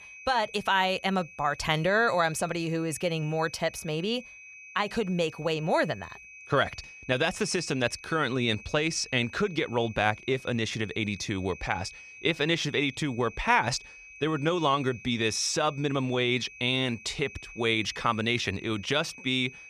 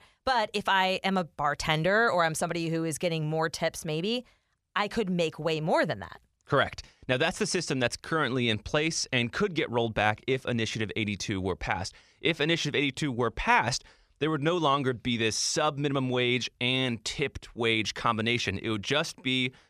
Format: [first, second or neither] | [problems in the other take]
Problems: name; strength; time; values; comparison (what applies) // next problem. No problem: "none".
second | high-pitched whine; noticeable; throughout; 2.5 kHz, 20 dB below the speech